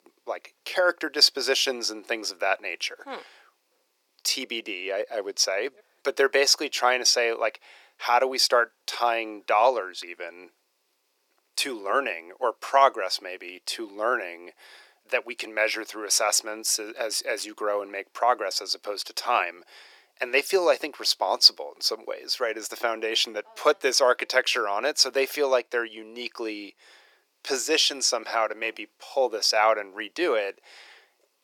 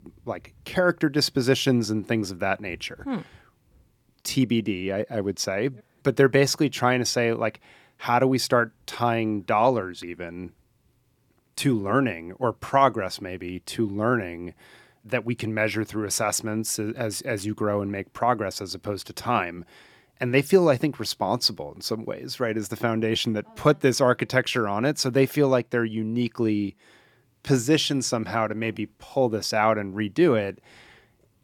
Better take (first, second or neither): second